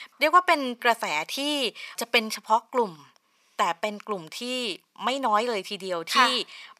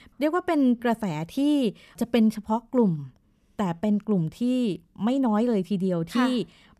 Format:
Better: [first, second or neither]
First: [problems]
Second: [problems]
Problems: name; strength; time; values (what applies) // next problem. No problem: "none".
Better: second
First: thin; very; fading below 800 Hz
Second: none